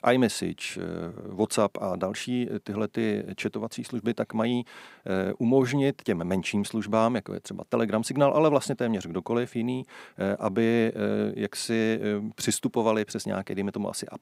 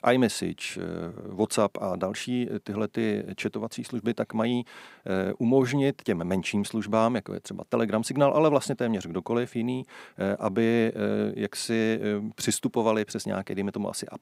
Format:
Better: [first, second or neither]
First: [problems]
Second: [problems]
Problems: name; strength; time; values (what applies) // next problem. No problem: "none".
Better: neither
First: none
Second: none